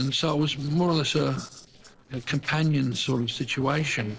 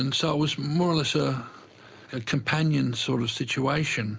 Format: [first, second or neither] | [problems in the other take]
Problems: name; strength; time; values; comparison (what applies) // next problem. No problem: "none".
second | noise reduction (neural separator model SepFormer DNS4)